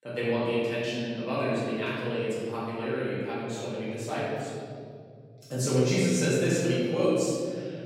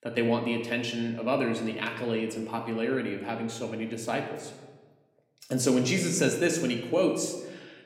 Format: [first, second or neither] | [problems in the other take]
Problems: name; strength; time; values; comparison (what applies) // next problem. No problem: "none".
second | room echo; strong; dies away in 2.7 s; slight in the second // off-mic speech; far